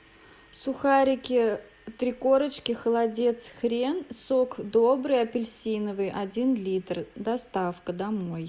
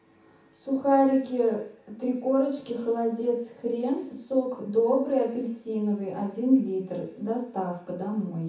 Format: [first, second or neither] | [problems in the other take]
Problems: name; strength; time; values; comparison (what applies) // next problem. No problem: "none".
first | room echo; dies away in 0.7 s